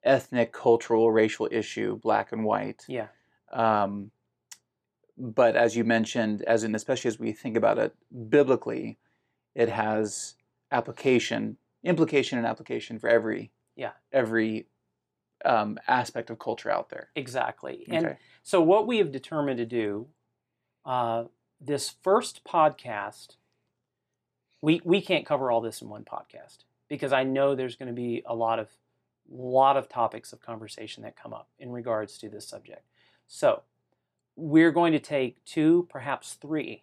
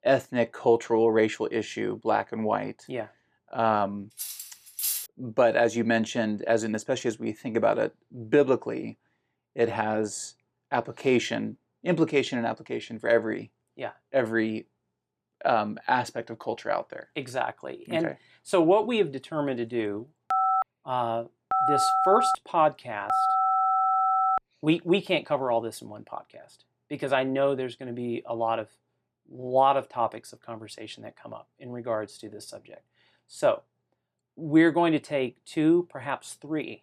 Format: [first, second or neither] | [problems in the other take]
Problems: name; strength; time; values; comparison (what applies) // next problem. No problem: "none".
first | clattering dishes; noticeable; at 4 s; peak 1 dB below the speech // phone ringing; loud; from 20 to 24 s; peak 4 dB above the speech